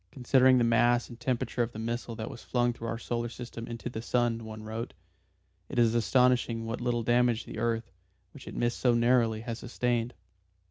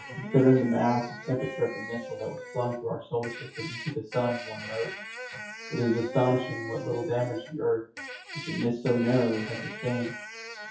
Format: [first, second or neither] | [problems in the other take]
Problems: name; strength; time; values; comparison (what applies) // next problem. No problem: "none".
first | noise reduction (classical method WPE with log-MMSE)